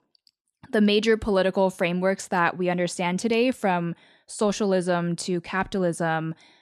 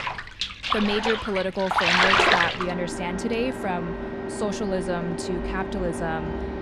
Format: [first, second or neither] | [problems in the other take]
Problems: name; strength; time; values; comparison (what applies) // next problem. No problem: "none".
first | household noises; very loud; throughout; 3 dB above the speech